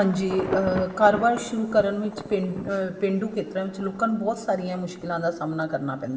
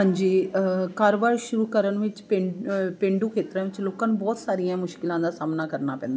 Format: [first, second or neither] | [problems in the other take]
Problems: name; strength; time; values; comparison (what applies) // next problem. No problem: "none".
second | background sound (Thunder / Traffic noise, roadway noise / Rain / Insect); 13 dB below the speech // room echo; dies away in 2.6 s